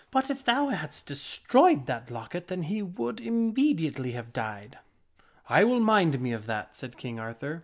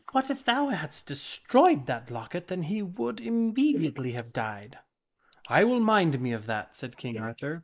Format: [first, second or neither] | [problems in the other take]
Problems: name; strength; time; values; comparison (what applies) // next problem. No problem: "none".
first | noise reduction (neural mask model Resemble Enhance denoiser)